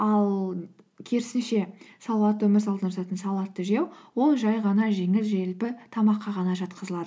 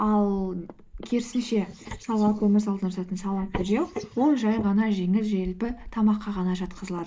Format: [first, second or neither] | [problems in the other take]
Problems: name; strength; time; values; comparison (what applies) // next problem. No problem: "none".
first | noise reduction (neural mask model Resemble Enhance denoiser)